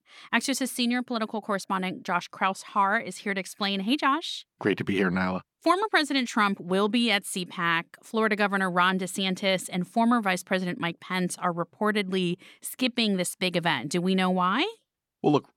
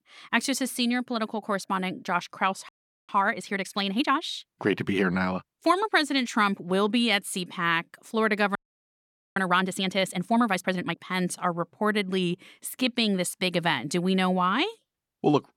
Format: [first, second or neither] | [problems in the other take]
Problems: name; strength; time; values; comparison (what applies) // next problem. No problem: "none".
first | audio freezing; at 2.5 s and at 8.5 s for 1 s